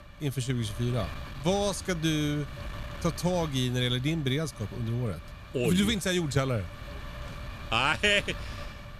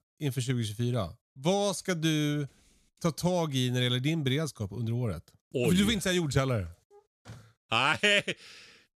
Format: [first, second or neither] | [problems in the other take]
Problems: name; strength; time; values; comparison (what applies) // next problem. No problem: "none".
second | wind noise on the microphone; occasional gusts; 15 dB below the speech